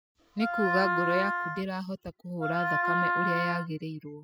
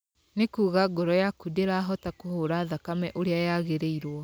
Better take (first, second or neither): second